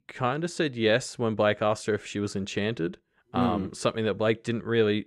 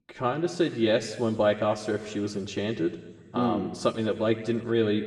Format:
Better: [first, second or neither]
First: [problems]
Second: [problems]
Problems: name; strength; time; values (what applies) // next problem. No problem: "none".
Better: first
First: none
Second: room echo; slight; dies away in 1.6 s // off-mic speech; somewhat distant